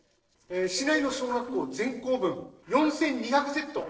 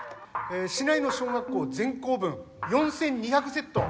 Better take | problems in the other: second | noise reduction (neural separator model SepFormer DNS4)

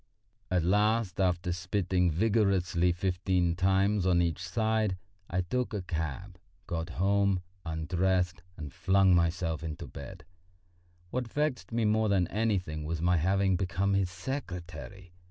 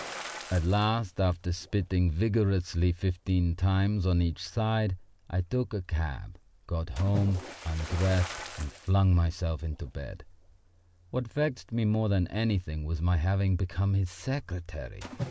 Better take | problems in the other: first | background sound (Splash, splatter); 18 dB below the speech

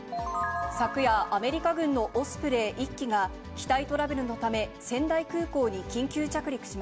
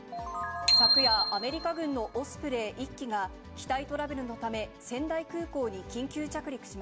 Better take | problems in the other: first | background sound (Bicycle bell); 4 dB above the speech

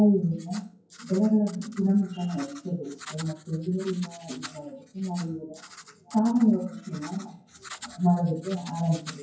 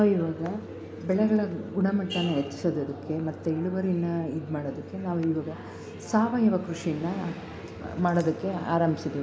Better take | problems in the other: second | noise reduction (classical method WPE with log-MMSE)

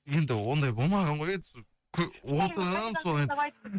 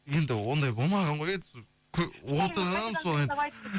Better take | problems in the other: second | noise reduction (neural mask model RNNoise)

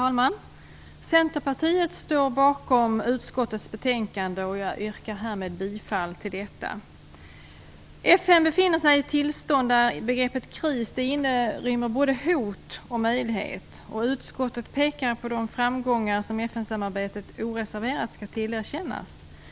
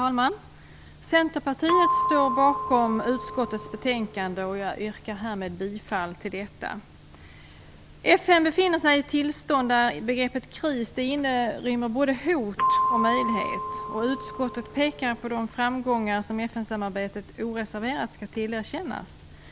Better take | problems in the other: first | background sound (Percussion); 2 dB below the speech

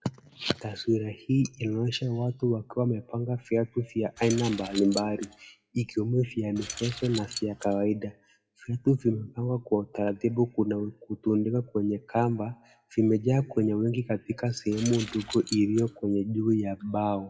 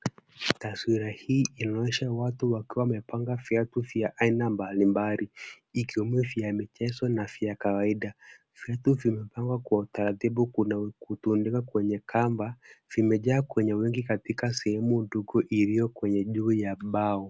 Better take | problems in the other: second | noise reduction (classical method WPE with log-MMSE)

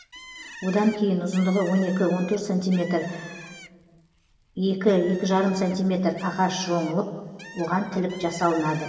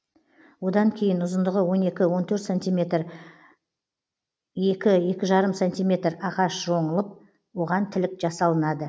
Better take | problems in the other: second | background sound (Bird); 19 dB below the speech // room echo; dies away in 2.3 s

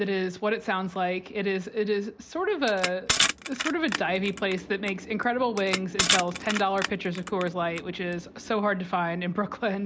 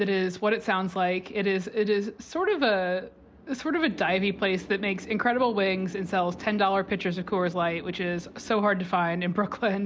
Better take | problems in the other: second | background sound (Crushing); 3 dB below the speech

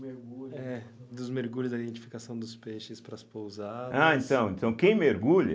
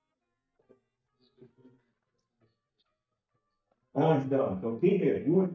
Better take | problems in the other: first | noise reduction (neural mask model DeepFilterNet 3)

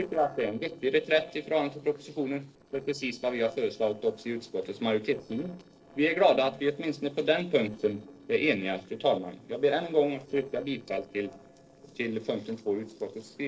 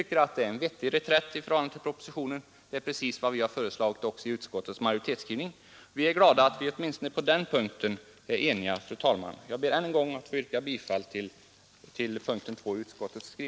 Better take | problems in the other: second | noise reduction (neural separator model SepFormer DNS4)

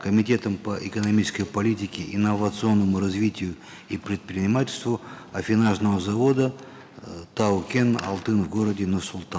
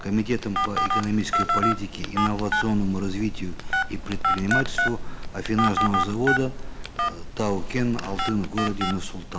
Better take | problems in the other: first | background sound (Telephone); as loud as the speech

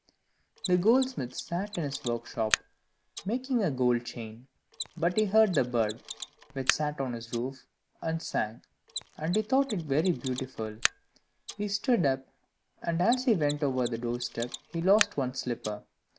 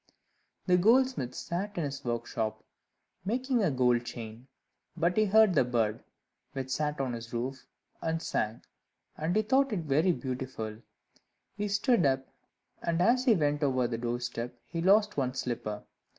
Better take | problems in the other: second | background sound (Mechanisms); 11 dB below the speech

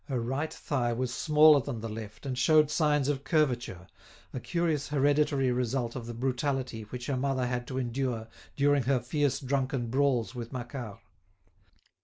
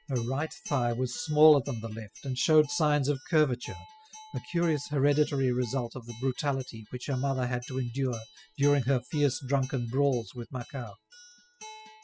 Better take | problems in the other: first | noise reduction (classical method spectral subtraction)

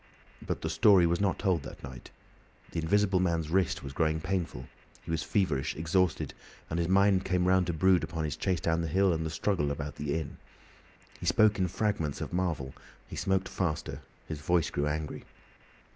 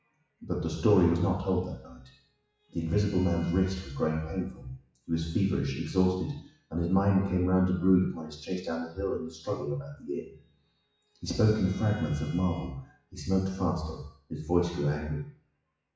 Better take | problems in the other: first | noise reduction (classical method WPE with log-MMSE)

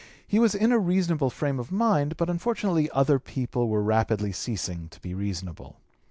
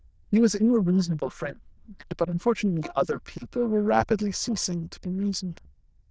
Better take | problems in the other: first | noise reduction (neural diffusion model UNIVERSE++)

